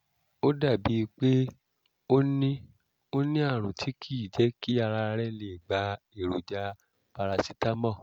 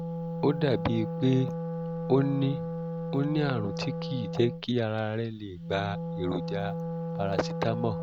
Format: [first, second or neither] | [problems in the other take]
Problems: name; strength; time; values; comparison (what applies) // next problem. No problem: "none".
first | background sound (Wind instrument, woodwind instrument); 4 dB below the speech